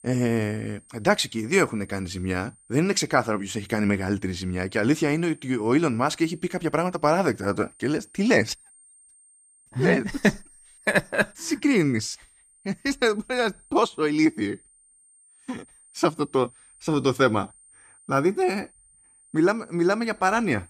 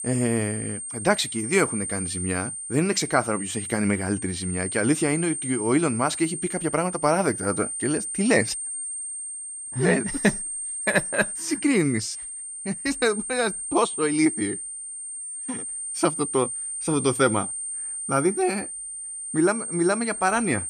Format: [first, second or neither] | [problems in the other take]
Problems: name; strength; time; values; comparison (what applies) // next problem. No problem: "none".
first | high-pitched whine; loud; throughout; 9 kHz, 5 dB below the speech; faint in the first